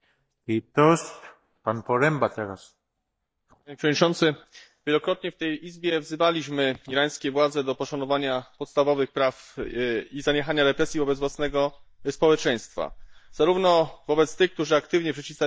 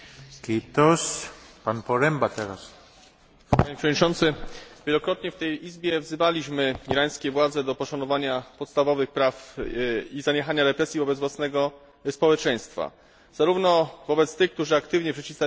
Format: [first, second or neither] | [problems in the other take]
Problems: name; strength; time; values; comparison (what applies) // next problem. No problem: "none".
second | noise reduction (neural mask model DeepFilterNet 3)